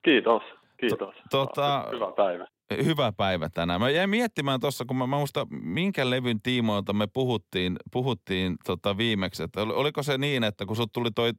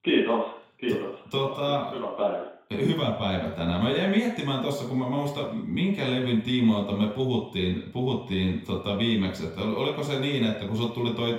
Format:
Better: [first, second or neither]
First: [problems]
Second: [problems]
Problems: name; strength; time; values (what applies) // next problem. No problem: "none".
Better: first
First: none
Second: room echo; noticeable; dies away in 0.6 s // off-mic speech; somewhat distant